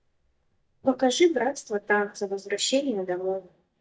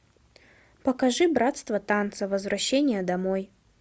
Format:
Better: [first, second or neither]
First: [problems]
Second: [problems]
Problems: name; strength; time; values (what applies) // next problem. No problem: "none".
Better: second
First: noise reduction (neural mask model DeepFilterNet 3)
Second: none